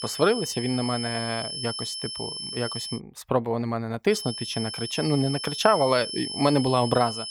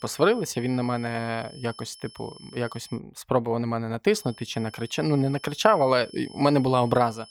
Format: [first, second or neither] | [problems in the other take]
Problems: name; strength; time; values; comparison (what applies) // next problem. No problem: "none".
second | high-pitched whine; loud; until 3 s and from 4 s on; 5.5 kHz, 6 dB below the speech; faint in the second